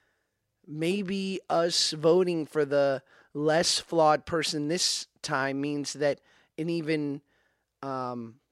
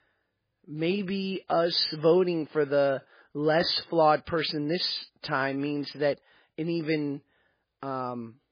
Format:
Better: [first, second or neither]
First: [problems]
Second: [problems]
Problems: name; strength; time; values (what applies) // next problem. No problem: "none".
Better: first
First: none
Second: garbled, watery; badly; nothing above 4.5 kHz